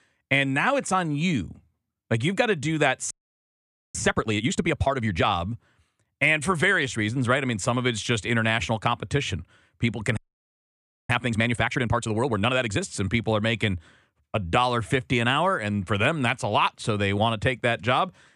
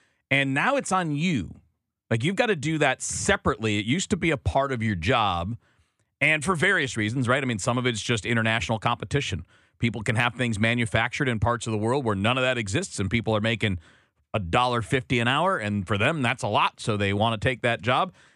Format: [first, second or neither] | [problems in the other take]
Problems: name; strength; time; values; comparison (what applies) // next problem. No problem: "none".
second | audio freezing; at 3 s for 1 s and at 10 s for 1 s